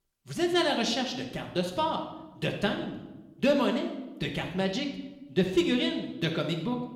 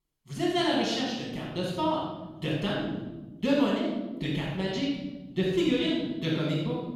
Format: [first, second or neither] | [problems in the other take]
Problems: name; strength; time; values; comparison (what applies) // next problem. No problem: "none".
first | room echo; strong; dies away in 1.5 s; slight in the first // off-mic speech; far; somewhat distant in the first